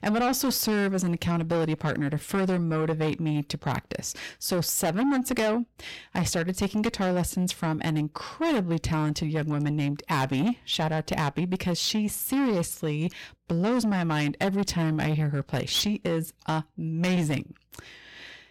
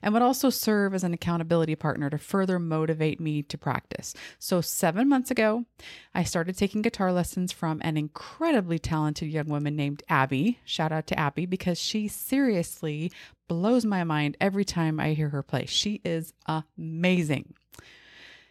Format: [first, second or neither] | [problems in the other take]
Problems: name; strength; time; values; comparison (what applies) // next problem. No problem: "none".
second | distortion; heavy; 7 dB below the speech